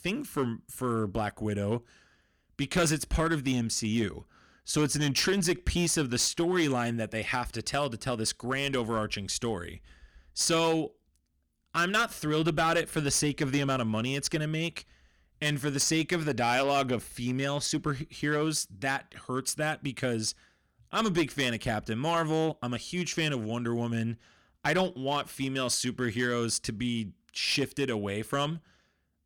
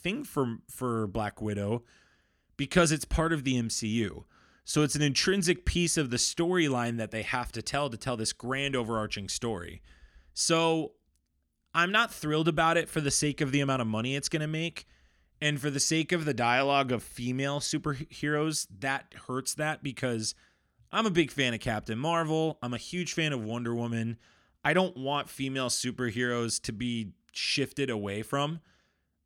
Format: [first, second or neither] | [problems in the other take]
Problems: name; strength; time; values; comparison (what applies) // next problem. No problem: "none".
second | distortion; slight; 4% of the sound clipped